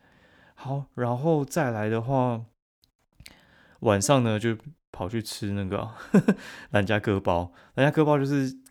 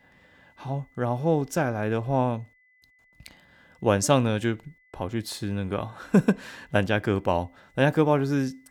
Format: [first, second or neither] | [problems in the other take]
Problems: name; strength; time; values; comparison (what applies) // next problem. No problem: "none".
first | high-pitched whine; faint; throughout; 2 kHz, 35 dB below the speech